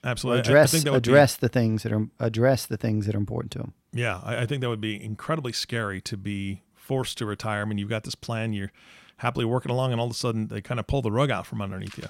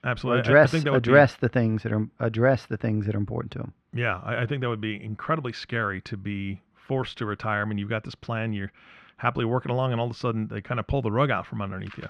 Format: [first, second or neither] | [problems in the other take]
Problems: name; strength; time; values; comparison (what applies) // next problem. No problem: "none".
first | muffled; slightly; fading above 2.5 kHz